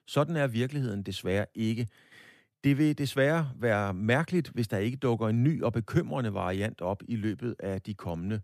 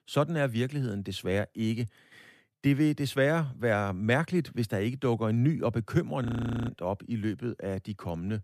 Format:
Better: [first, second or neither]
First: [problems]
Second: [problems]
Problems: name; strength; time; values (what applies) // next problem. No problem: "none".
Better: first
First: none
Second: audio freezing; at 6.5 s